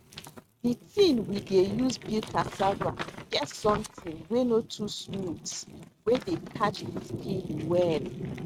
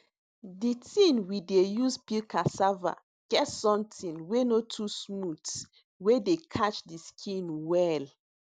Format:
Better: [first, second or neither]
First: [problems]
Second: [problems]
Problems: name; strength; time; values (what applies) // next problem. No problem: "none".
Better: second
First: noise reduction (neural mask model RNNoise)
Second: none